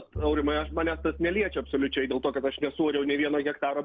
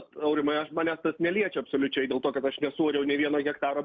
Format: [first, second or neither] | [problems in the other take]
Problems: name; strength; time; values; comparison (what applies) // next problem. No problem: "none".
second | background sound (Bowed string instrument); 14 dB below the speech